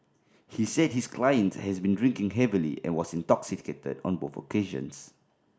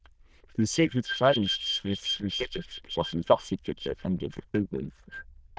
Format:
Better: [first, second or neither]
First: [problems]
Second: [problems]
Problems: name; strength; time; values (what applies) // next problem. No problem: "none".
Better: first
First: none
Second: noise reduction (neural diffusion model UNIVERSE++)